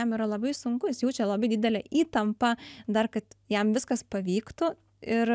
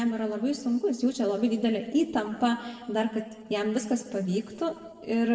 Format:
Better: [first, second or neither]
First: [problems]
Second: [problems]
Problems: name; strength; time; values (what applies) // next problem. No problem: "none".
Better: first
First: none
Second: noise reduction (neural separator model SepFormer DNS4)